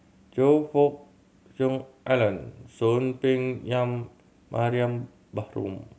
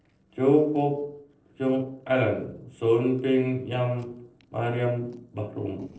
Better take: first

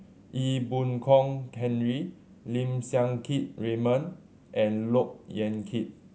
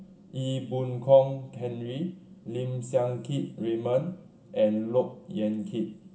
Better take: first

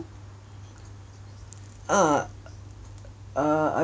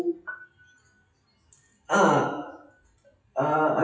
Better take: first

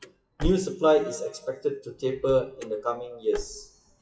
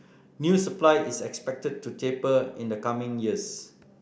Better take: second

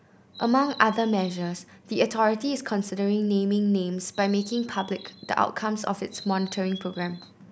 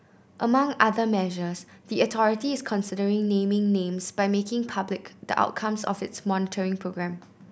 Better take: second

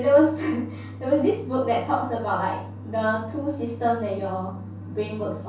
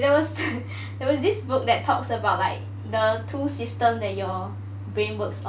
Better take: second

